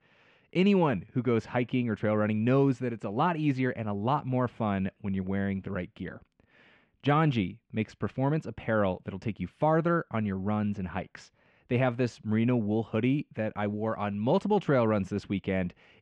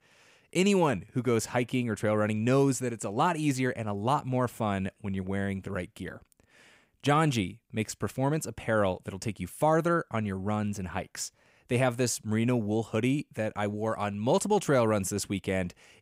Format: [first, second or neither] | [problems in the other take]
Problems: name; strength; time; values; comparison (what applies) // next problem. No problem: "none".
second | muffled; very; fading above 3.5 kHz